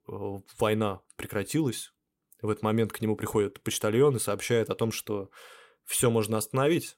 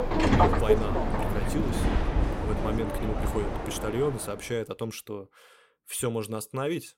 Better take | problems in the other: first | train or aircraft noise; very loud; until 4 s; 5 dB above the speech

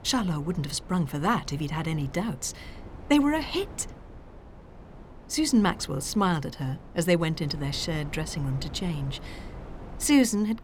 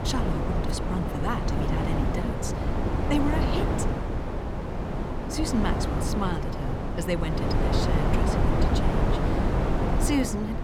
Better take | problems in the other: first | wind noise on the microphone; heavy; 3 dB above the speech; occasional gusts in the first

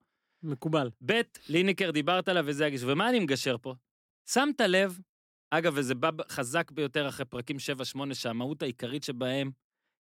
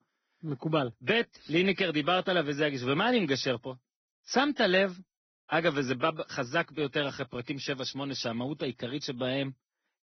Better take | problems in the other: first | garbled, watery; badly; nothing above 6 kHz

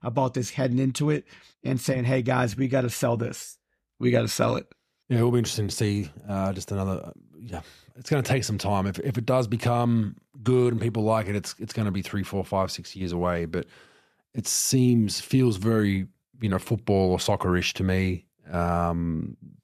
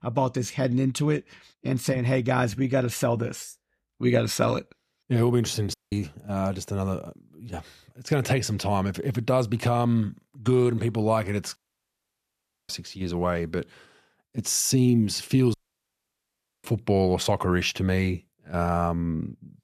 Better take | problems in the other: first | audio cutting out; at 5.5 s, at 12 s for 1 s and at 16 s for 1 s

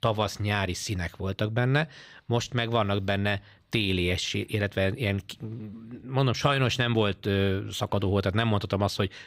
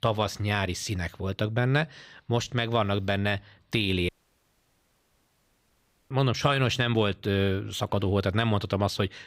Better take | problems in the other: first | audio cutting out; at 4 s for 2 s

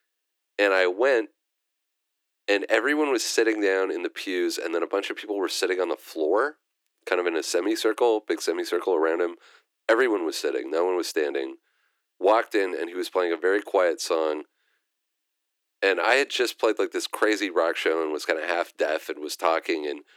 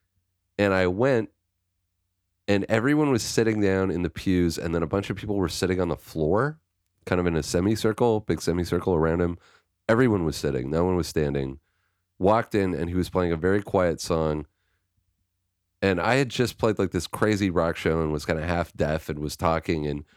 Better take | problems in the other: second | thin; very; fading below 300 Hz

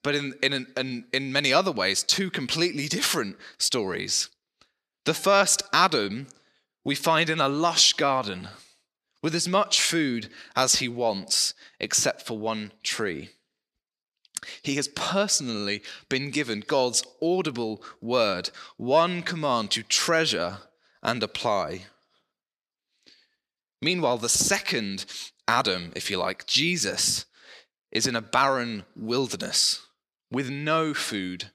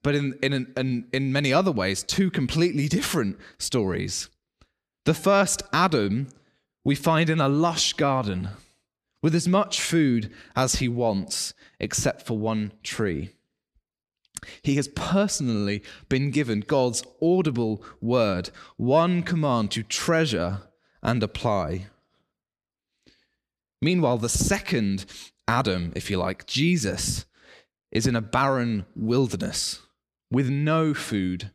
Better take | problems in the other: second | thin; somewhat; fading below 600 Hz

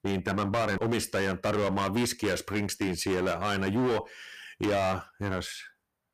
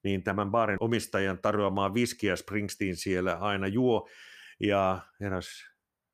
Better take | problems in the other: second | distortion; heavy; 17% of the sound clipped

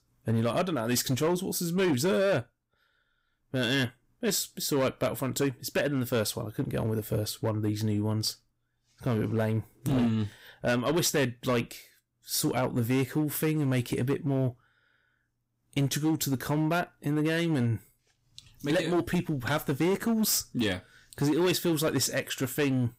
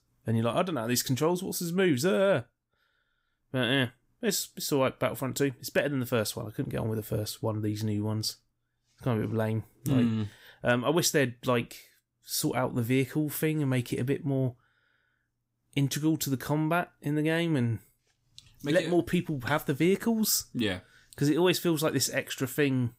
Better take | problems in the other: second | distortion; slight; 8% of the sound clipped

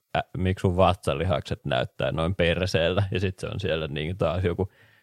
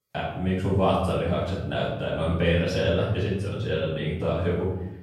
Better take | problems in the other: first | off-mic speech; far // room echo; noticeable; dies away in 0.8 s

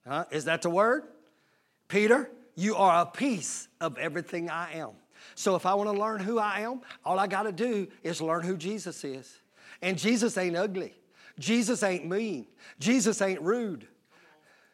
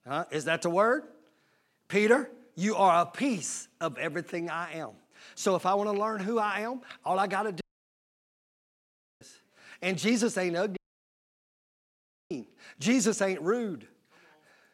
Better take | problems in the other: first | audio cutting out; at 7.5 s for 1.5 s and at 11 s for 1.5 s

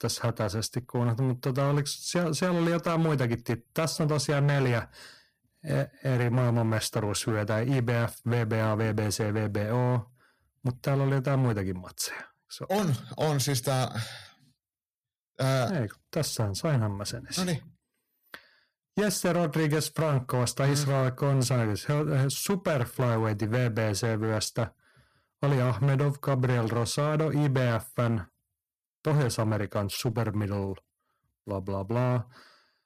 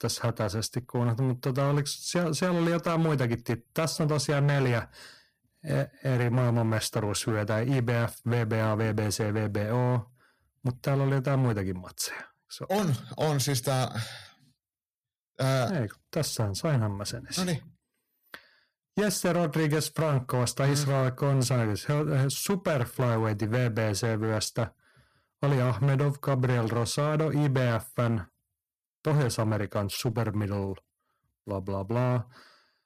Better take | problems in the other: neither | distortion; slight; 8% of the sound clipped; the same in both

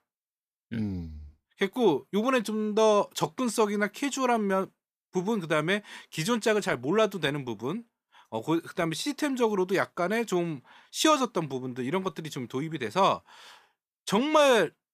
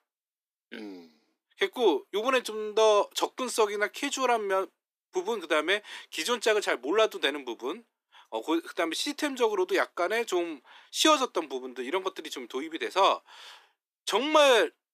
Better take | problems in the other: first | thin; somewhat; fading below 300 Hz

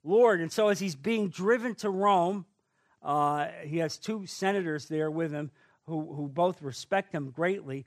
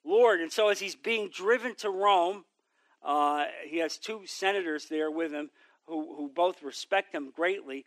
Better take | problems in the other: first | thin; somewhat; fading below 300 Hz

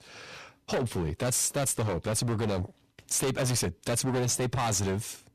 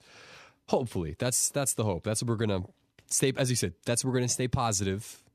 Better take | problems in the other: second | distortion; heavy; 22% of the sound clipped

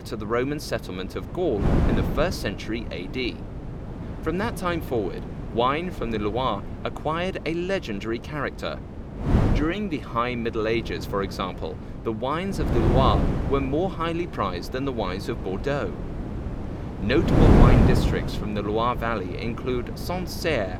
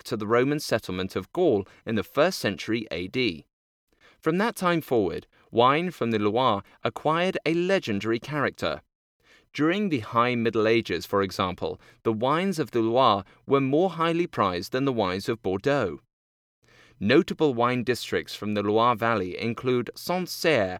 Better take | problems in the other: second | wind noise on the microphone; heavy; 6 dB below the speech

